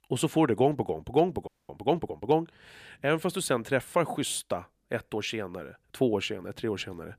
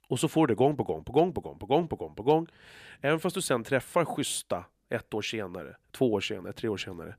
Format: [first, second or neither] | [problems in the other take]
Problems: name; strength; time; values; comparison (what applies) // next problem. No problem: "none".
second | audio freezing; at 1.5 s